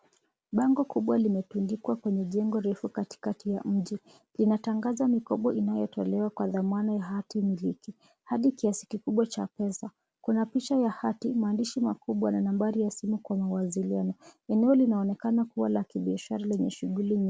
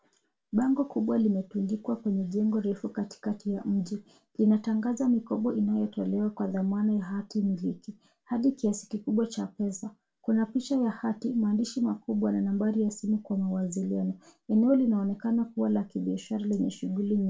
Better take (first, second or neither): first